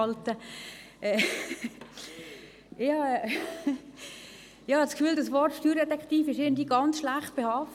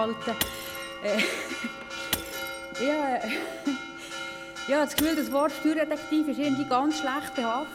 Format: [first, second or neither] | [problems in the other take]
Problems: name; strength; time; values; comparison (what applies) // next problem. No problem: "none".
first | background sound (Shatter / Crushing + Church bell); 7 dB below the speech